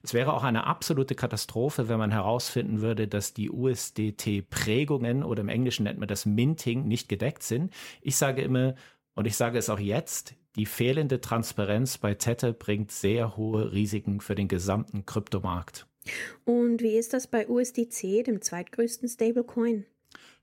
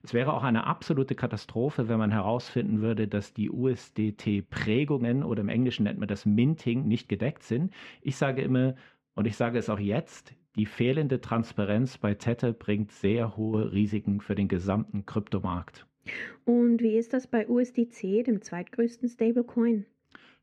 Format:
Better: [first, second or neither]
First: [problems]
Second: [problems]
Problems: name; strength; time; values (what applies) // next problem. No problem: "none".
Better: first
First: none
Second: muffled; slightly; fading above 2.5 kHz